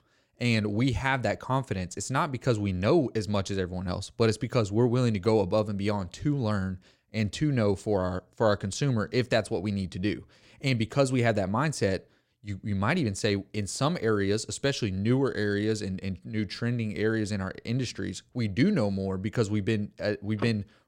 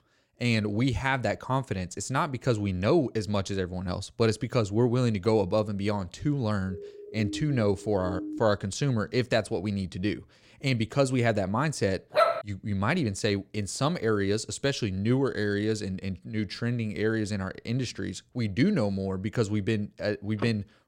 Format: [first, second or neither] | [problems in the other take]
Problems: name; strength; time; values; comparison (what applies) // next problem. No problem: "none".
first | siren; noticeable; from 6.5 to 8.5 s; peak 8 dB below the speech // dog barking; loud; at 12 s; peak 4 dB above the speech